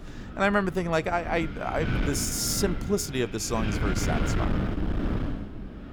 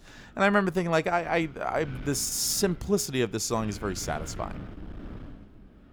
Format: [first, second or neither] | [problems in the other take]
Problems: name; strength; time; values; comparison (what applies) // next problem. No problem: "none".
second | wind noise on the microphone; heavy; 7 dB below the speech; occasional gusts in the second